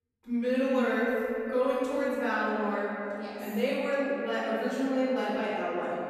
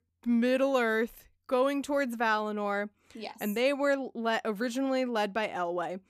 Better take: second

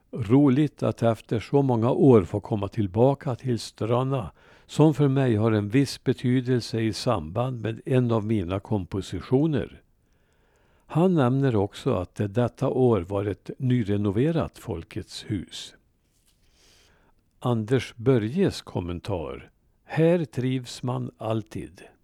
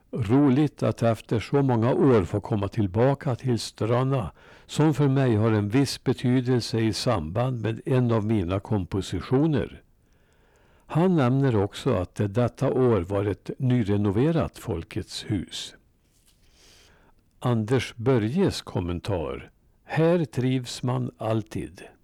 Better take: first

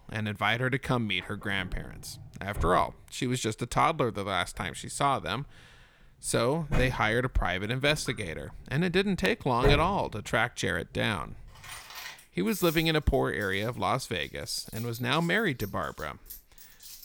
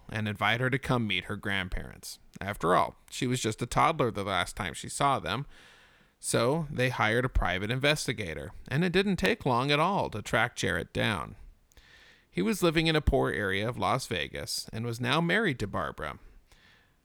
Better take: second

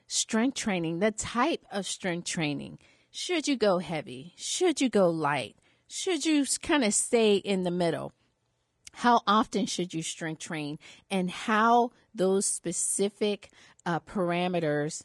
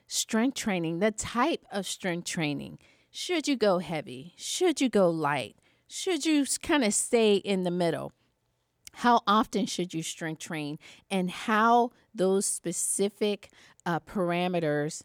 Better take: second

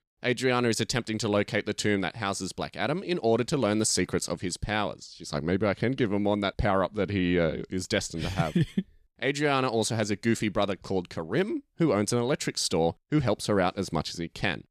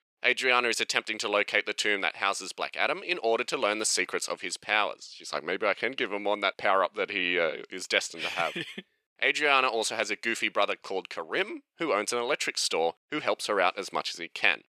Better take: first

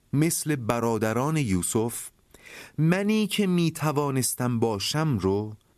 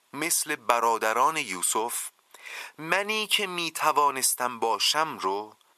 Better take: first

